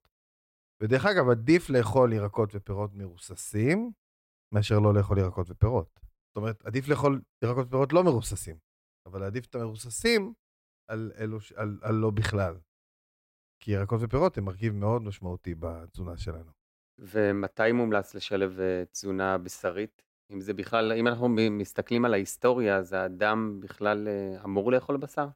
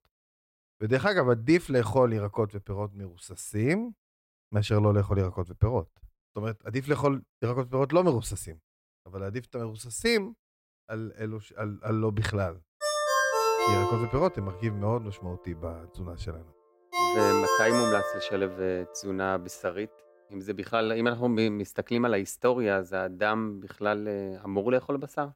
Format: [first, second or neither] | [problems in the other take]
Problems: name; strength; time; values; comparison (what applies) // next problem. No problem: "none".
first | phone ringing; loud; from 13 to 19 s; peak 5 dB above the speech